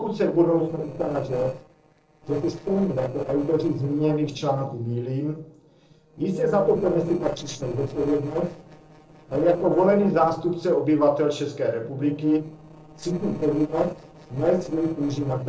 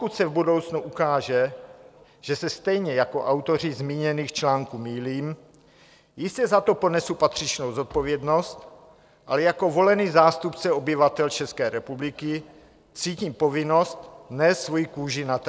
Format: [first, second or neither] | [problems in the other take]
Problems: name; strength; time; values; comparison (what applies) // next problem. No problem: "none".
second | noise reduction (neural separator model SepFormer DNS4)